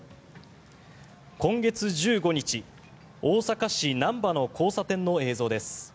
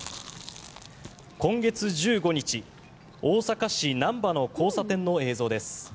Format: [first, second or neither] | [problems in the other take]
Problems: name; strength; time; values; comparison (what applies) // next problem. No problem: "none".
first | background sound (Chewing, mastication); 16 dB below the speech